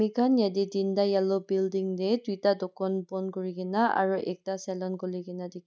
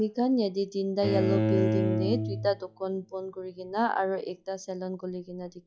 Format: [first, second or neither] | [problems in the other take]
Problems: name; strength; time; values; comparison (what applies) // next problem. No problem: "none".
first | noise reduction (classical method log-MMSE)